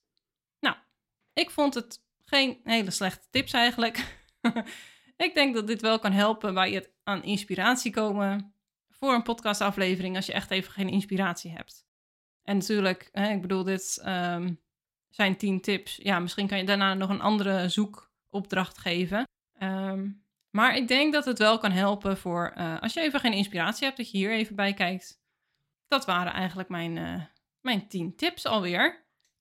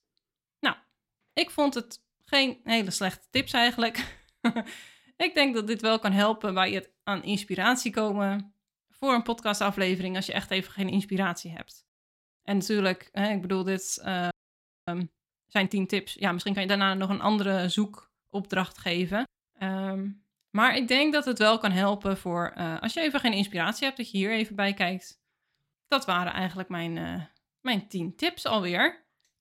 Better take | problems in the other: first | audio freezing; at 14 s for 0.5 s

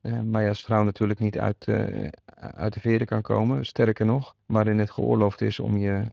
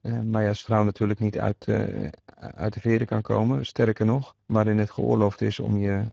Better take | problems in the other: first | garbled, watery; badly; nothing above 16 kHz; slightly in the first

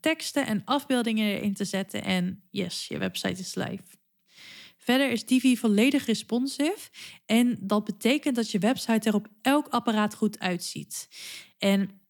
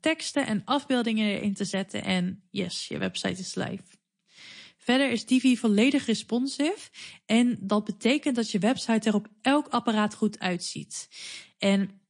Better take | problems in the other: first | garbled, watery; slightly; nothing above 10 kHz

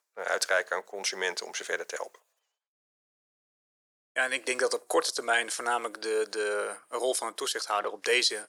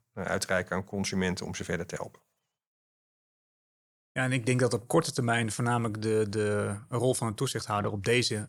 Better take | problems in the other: second | thin; very; fading below 400 Hz

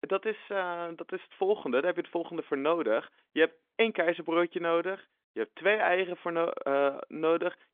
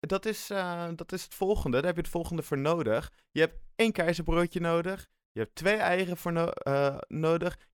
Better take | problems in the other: second | phone-call audio; nothing above 3.5 kHz

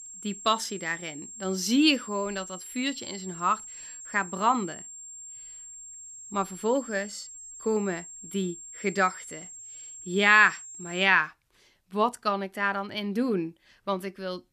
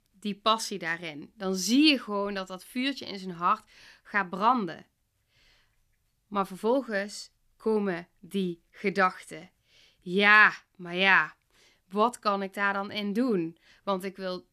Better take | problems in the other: second | high-pitched whine; noticeable; until 11 s; 7.5 kHz, 15 dB below the speech

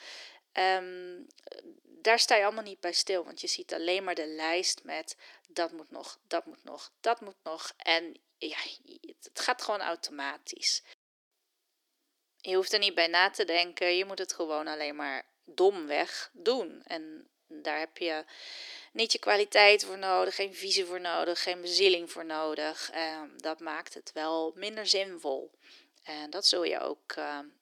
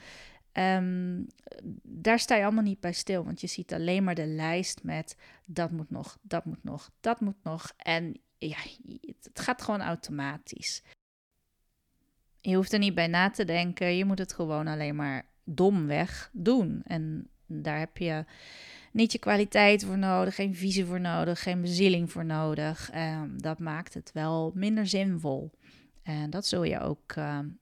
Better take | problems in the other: second | thin; very; fading below 350 Hz

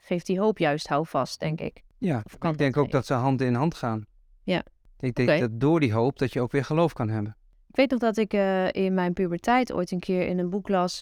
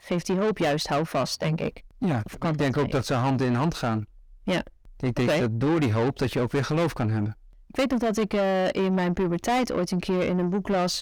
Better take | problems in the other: first | distortion; heavy; 7 dB below the speech

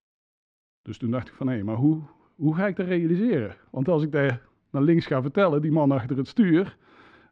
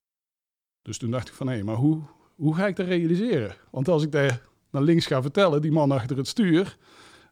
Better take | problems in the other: second | muffled; slightly; fading above 2 kHz

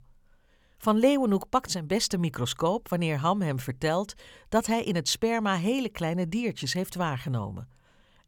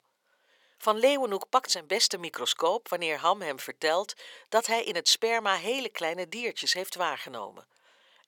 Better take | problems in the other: first | thin; very; fading below 400 Hz

